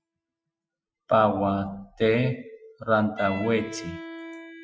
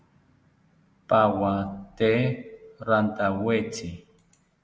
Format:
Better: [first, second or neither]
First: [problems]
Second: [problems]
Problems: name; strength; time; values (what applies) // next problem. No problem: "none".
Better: second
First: noise reduction (classical method Wiener filter)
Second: none